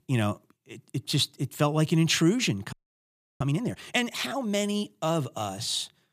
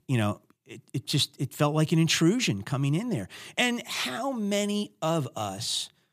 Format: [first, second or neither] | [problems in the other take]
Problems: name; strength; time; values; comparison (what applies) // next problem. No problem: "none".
second | audio freezing; at 2.5 s for 0.5 s